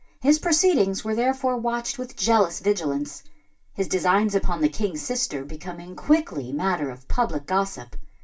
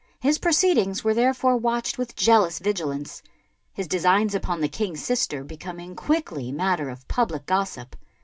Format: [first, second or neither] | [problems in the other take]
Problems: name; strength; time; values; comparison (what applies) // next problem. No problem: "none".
second | room echo; dies away in 0.2 s